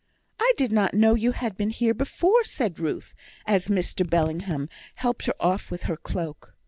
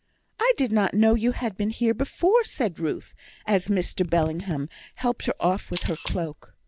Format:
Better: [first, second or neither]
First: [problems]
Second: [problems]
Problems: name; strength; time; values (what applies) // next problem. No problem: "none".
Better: first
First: none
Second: background sound (Camera); 16 dB below the speech